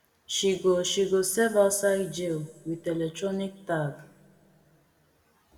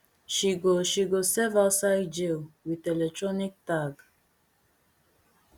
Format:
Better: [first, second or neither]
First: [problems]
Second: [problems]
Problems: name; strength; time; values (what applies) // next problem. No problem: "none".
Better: second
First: room echo; dies away in 2.2 s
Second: none